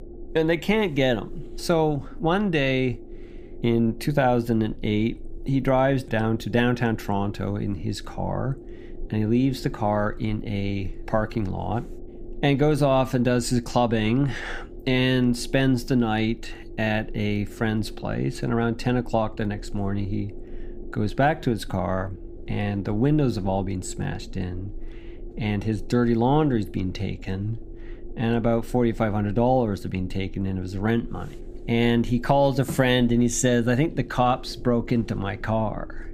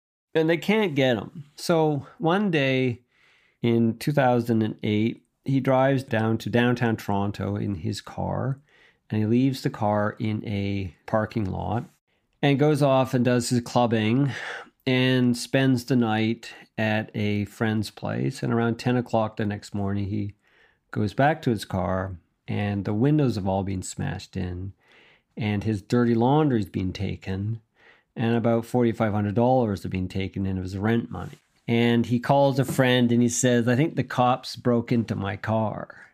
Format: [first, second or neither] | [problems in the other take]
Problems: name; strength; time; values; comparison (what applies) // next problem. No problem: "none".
second | low rumble; faint; throughout; 20 dB below the speech